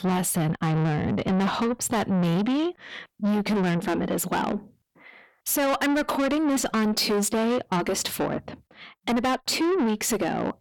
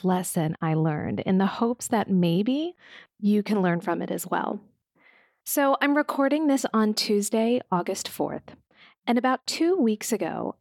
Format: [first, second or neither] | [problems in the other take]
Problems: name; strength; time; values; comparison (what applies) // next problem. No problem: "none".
second | distortion; heavy; 7 dB below the speech